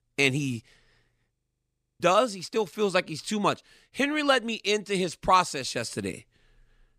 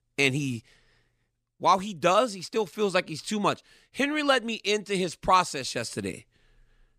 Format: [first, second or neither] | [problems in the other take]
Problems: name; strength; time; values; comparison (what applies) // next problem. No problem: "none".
second | audio freezing; at 1.5 s for 0.5 s